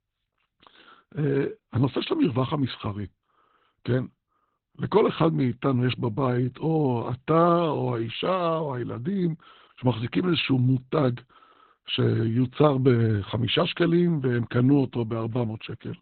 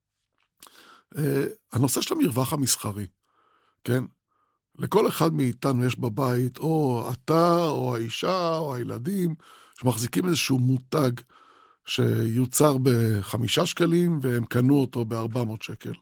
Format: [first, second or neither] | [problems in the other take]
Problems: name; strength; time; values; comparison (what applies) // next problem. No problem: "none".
second | garbled, watery; badly; nothing above 4 kHz; slightly in the second